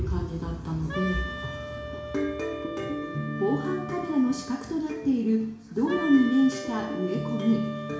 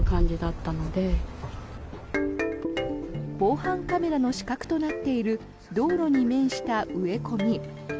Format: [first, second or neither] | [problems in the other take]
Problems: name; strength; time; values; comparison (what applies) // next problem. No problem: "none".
second | background sound (Wind instrument, woodwind instrument); 11 dB below the speech // room echo; dies away in 0.7 s